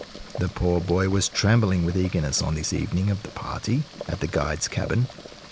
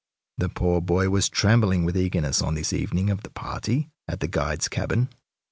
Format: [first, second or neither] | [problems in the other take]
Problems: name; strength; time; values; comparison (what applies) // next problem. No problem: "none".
second | background sound (Boiling); 17 dB below the speech